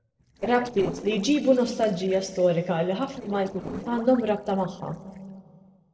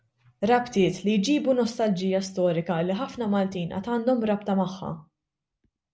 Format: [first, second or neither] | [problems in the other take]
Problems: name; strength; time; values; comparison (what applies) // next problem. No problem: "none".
second | noise reduction (neural separator model SepFormer DNS4)